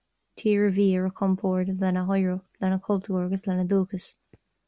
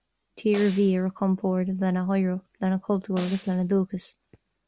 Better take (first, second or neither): first